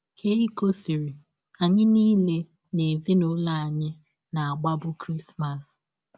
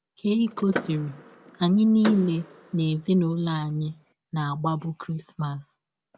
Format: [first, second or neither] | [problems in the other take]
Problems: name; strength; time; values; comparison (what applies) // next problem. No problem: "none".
first | background sound (Door / Car); 13 dB below the speech